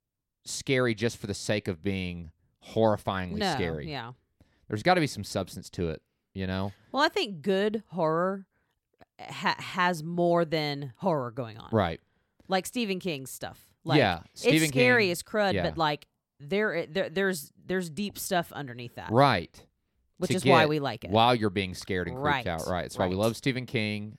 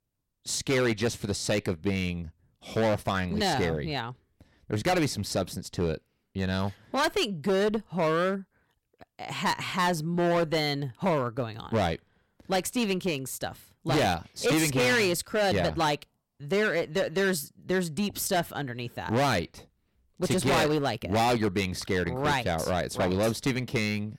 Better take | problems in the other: first | distortion; heavy; 12% of the sound clipped

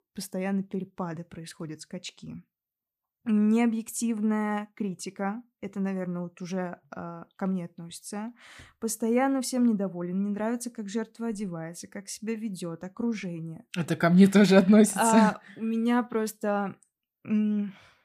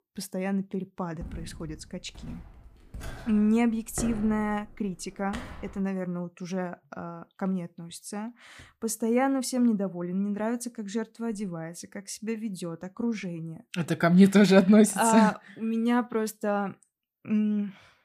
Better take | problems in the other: first | footsteps; faint; from 1 to 6 s; peak 10 dB below the speech

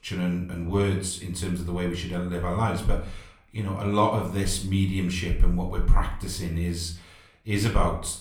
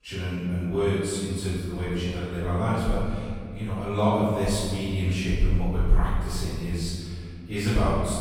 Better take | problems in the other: first | room echo; strong; dies away in 2.1 s; slight in the first // off-mic speech; far; somewhat distant in the first

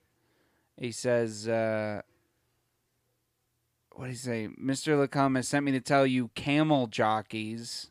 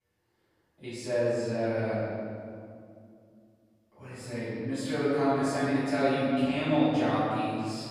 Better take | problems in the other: first | off-mic speech; far // room echo; strong; dies away in 2.3 s

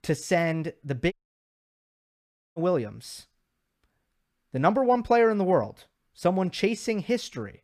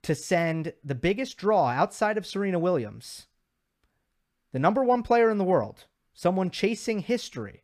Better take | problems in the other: second | audio cutting out; at 1 s for 1.5 s

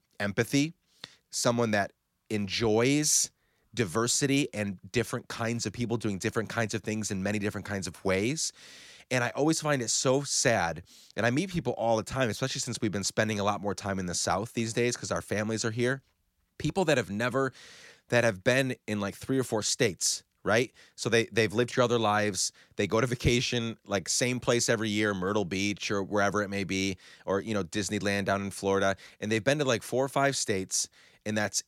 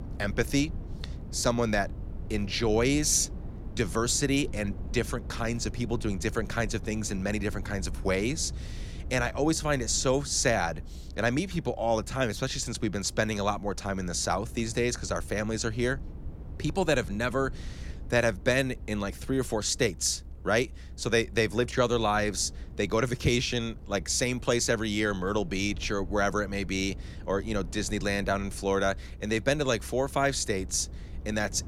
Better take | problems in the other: first | low rumble; faint; throughout; 25 dB below the speech

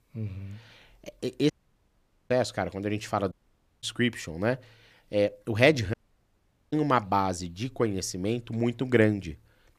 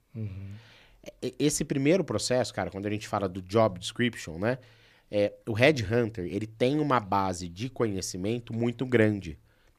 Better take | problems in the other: second | audio cutting out; at 1.5 s for 1 s, at 3.5 s for 0.5 s and at 6 s for 1 s

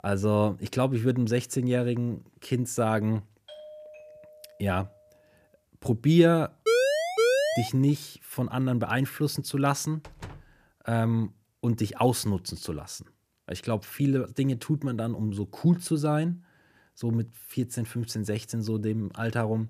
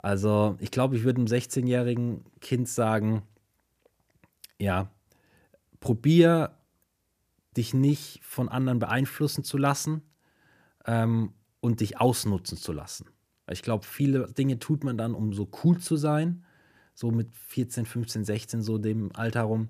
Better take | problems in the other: second | doorbell; faint; from 3.5 to 5 s; peak 15 dB below the speech // siren; loud; from 6.5 to 7.5 s; peak 5 dB above the speech // door banging; faint; at 10 s; peak 15 dB below the speech

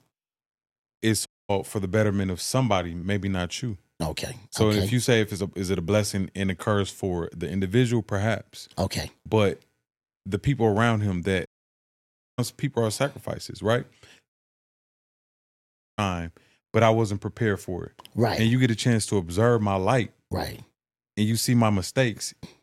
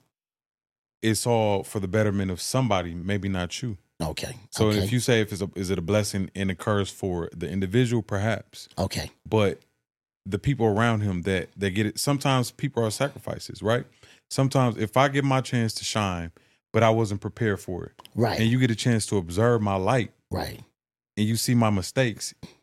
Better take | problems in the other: second | audio cutting out; at 1.5 s, at 11 s for 1 s and at 14 s for 1.5 s

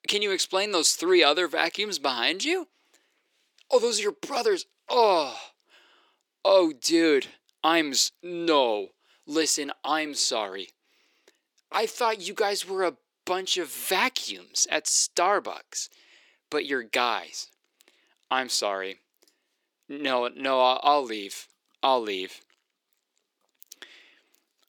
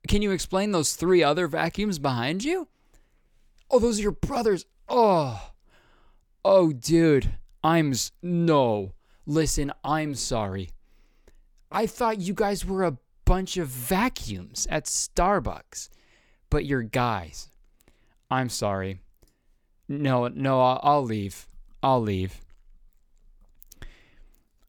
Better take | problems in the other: second | thin; somewhat; fading below 350 Hz

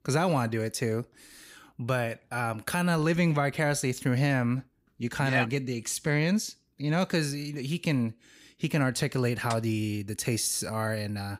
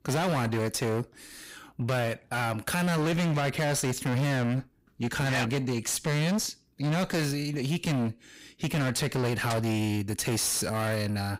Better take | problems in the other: first | distortion; heavy; 31% of the sound clipped

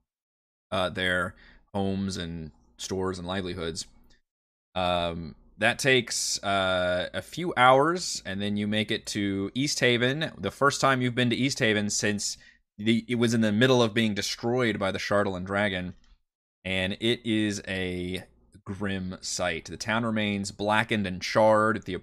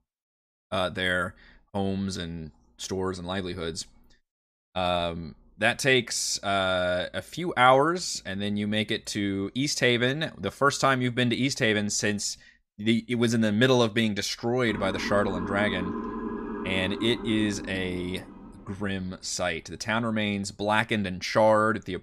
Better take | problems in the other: first | siren; noticeable; from 15 to 19 s; peak 7 dB below the speech

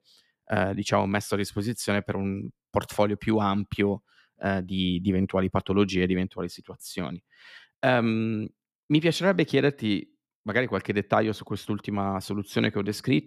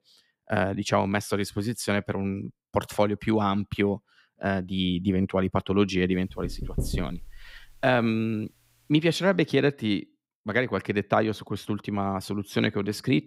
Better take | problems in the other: first | door banging; noticeable; from 6.5 to 7.5 s; peak 5 dB below the speech

